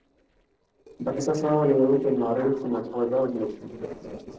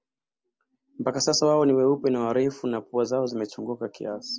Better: second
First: noise reduction (neural separator model SepFormer DNS4)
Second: none

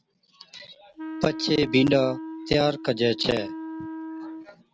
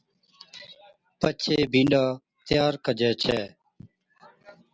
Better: second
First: background sound (Wind instrument, woodwind instrument); 10 dB below the speech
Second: none

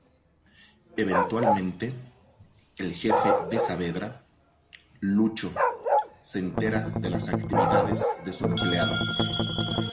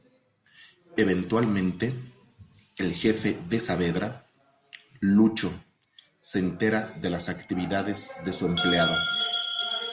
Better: second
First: background sound (Strum + Bark); 2 dB above the speech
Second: none

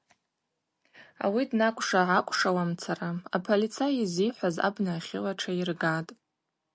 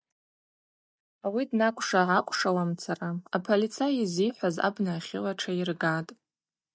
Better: first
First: none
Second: noise reduction (neural mask model DeepFilterNet 3)

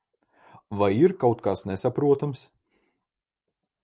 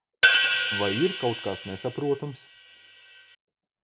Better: first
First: none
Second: background sound (Hi-hat); 4 dB above the speech

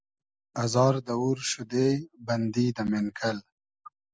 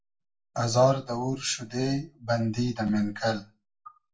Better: first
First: none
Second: room echo; dies away in 0.2 s

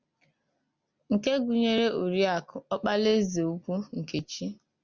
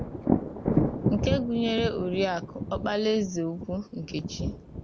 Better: first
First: none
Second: background sound (Thunder); 1 dB below the speech

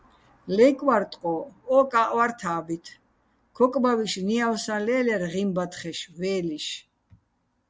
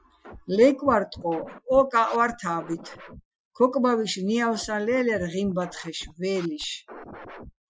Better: first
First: none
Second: noise reduction (classical method Wiener filter)

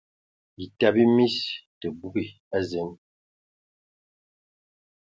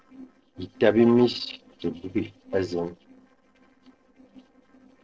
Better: first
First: none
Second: noise reduction (neural separator model SepFormer DNS4)

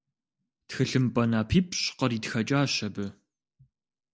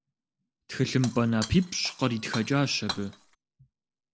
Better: first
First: none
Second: background sound (Shatter); 12 dB below the speech

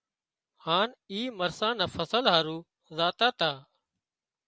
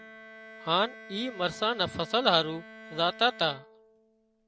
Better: first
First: none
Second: background sound (Bowed string instrument); 17 dB below the speech

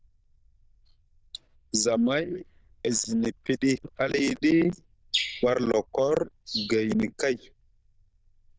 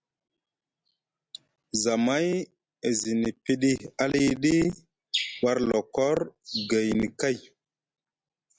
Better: second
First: noise reduction (neural diffusion model UNIVERSE++)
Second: none

